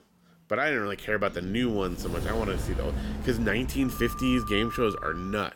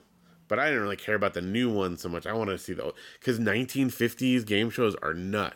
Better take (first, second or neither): second